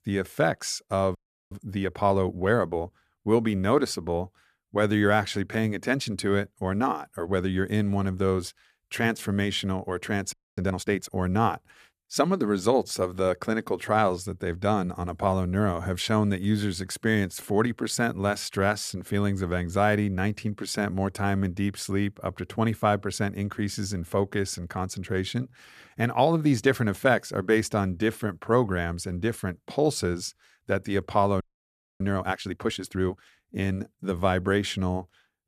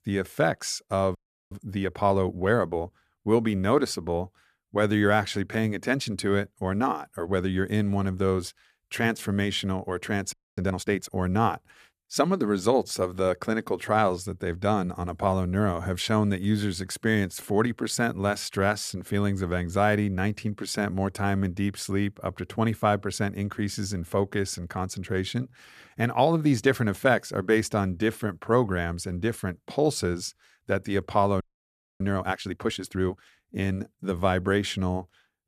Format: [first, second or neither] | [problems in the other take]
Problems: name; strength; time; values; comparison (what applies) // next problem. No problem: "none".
neither | audio freezing; at 1 s, at 10 s and at 31 s for 0.5 s; the same in both